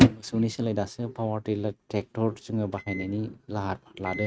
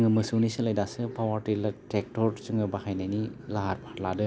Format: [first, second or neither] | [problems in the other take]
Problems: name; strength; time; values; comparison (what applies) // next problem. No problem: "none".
second | noise reduction (neural mask model RNNoise)